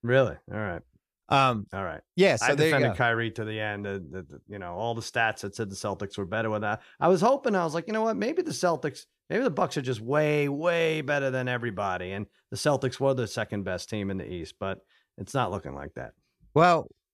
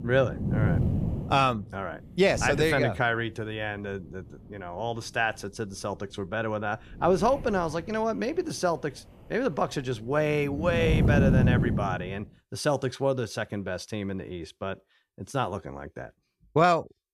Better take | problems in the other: first | wind noise on the microphone; heavy; until 12 s; 9 dB below the speech

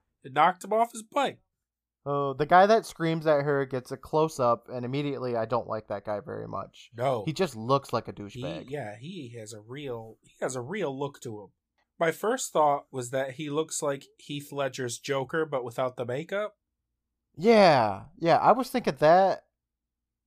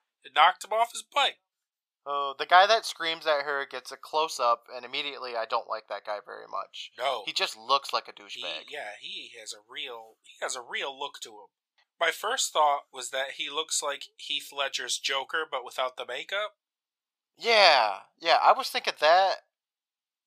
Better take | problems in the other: first | thin; very; fading below 850 Hz

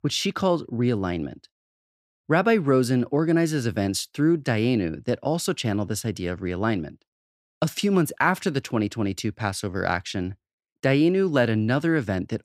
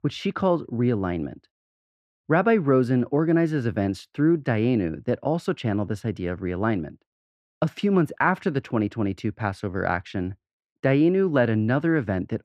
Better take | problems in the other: first | muffled; slightly; fading above 3.5 kHz

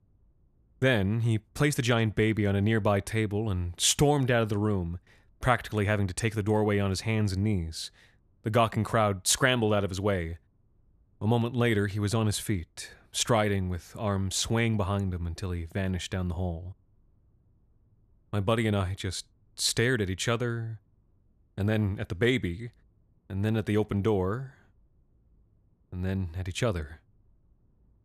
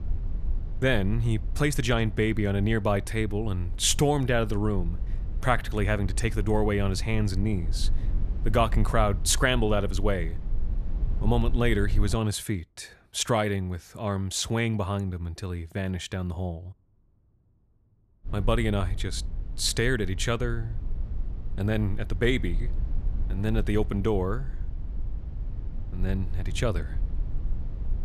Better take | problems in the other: first | low rumble; faint; until 12 s and from 18 s on; 20 dB below the speech

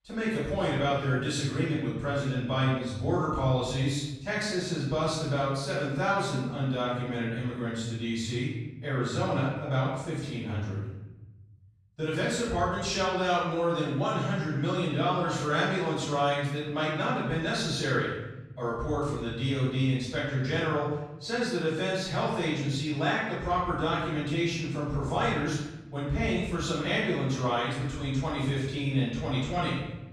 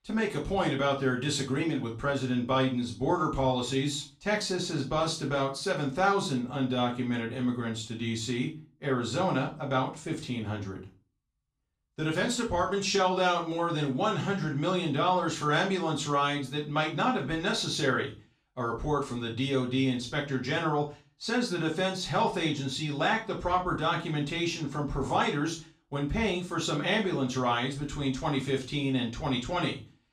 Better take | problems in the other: second | room echo; strong; dies away in 1.2 s; slight in the second // off-mic speech; far; far in the second

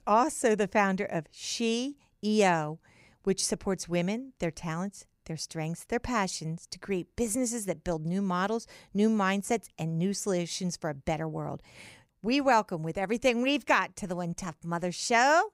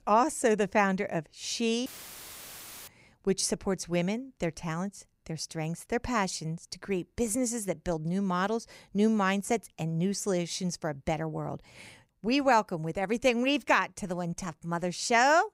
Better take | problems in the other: first | audio cutting out; filled with static; at 2 s for 1 s

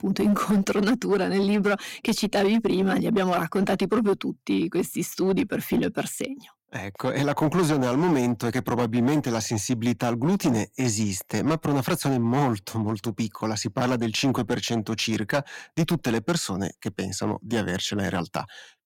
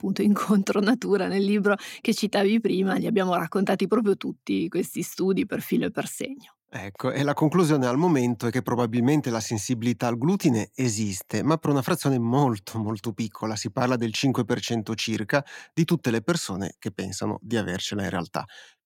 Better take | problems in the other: second | distortion; slight; 8% of the sound clipped

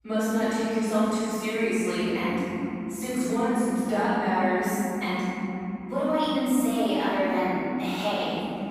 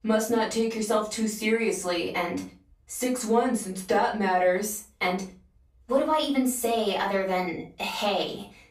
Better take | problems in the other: second | room echo; strong; dies away in 3 s; slight in the second // off-mic speech; far; far in the second

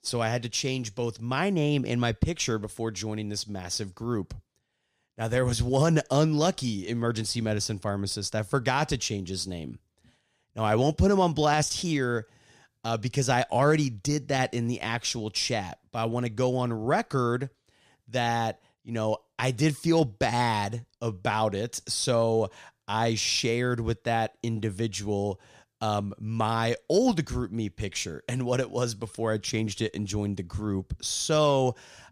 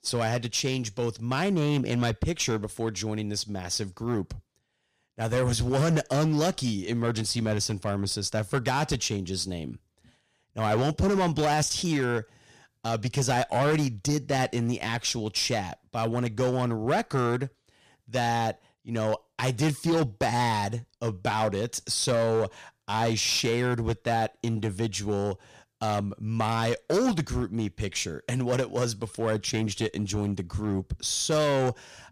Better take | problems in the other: first | distortion; slight; 7% of the sound clipped

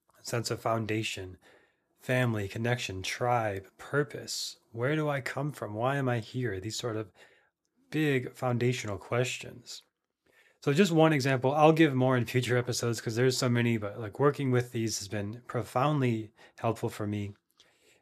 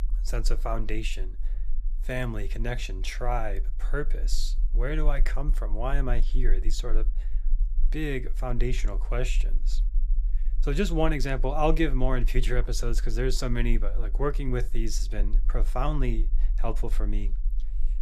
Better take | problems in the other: first | low rumble; faint; throughout; 25 dB below the speech

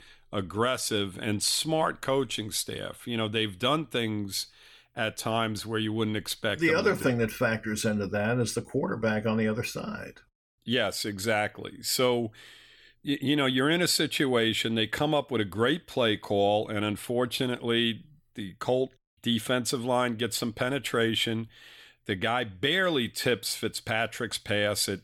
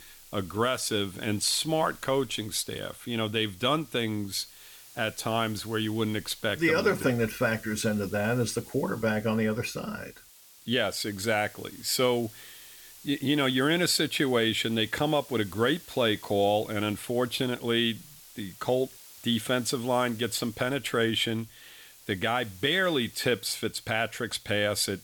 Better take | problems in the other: first | hiss; noticeable; throughout; 20 dB below the speech

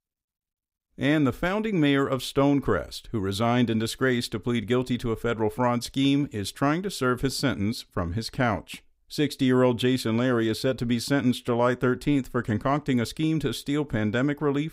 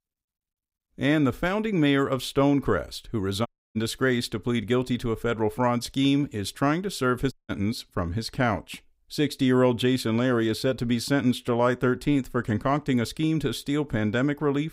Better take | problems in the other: first | audio cutting out; at 3.5 s and at 7.5 s

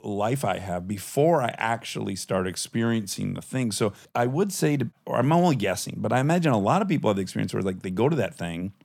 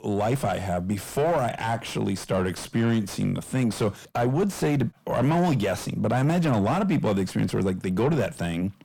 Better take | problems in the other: first | distortion; heavy; 7 dB below the speech

